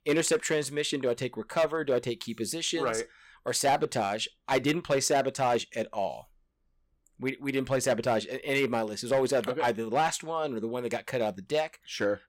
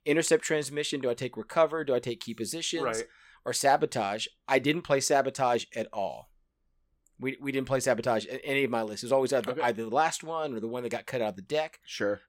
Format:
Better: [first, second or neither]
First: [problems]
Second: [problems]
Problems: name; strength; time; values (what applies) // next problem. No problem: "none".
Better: second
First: distortion; slight; 4% of the sound clipped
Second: none